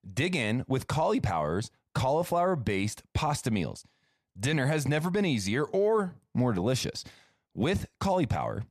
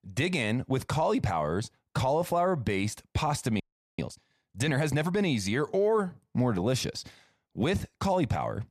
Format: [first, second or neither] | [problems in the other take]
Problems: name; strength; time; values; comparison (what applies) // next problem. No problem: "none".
first | audio freezing; at 3.5 s